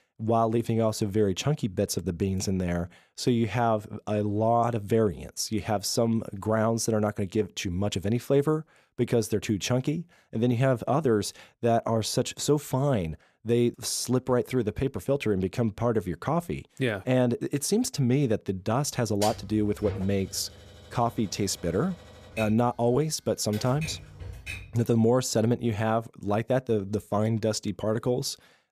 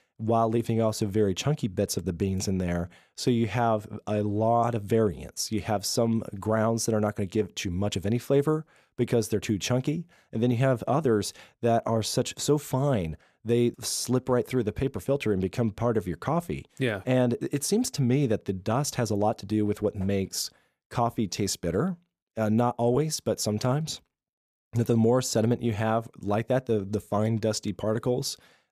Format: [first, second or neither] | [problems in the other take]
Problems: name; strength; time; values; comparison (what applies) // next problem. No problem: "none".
second | keyboard typing; noticeable; from 19 to 25 s; peak 8 dB below the speech